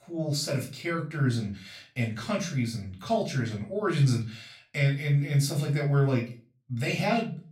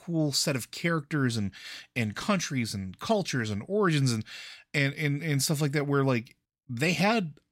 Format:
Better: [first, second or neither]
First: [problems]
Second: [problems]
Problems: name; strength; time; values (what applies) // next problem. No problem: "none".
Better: second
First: off-mic speech; far // room echo; slight; dies away in 0.3 s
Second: none